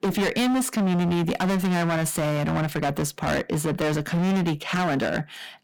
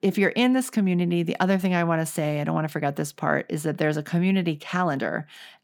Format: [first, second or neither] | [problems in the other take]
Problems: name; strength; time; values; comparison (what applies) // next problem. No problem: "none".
second | distortion; heavy; 30% of the sound clipped